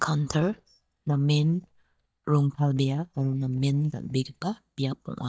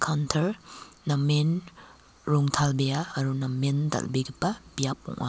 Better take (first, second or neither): second